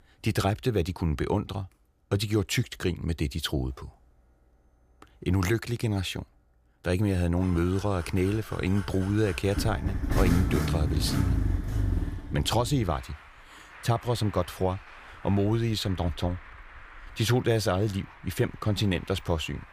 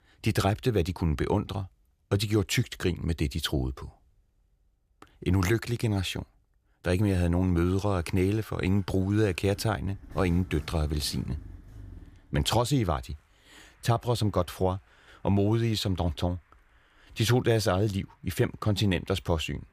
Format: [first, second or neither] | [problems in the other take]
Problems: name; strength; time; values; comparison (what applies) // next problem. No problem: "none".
second | traffic noise; loud; throughout; 5 dB below the speech; faint in the second